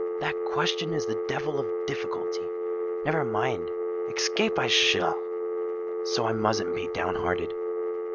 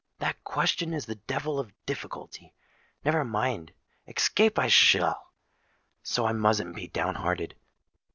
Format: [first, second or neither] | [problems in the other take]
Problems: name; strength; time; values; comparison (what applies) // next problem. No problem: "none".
second | background sound (Telephone); as loud as the speech